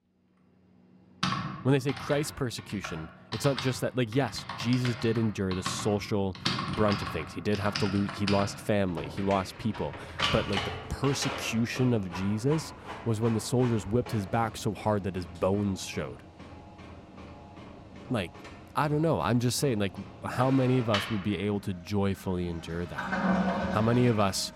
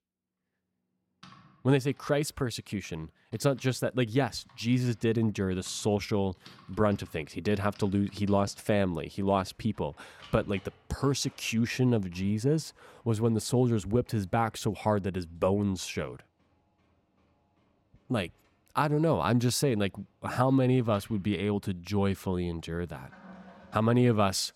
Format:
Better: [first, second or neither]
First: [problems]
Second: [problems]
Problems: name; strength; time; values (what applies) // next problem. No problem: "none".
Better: second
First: household noises; loud; throughout; 7 dB below the speech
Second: household noises; faint; throughout; 30 dB below the speech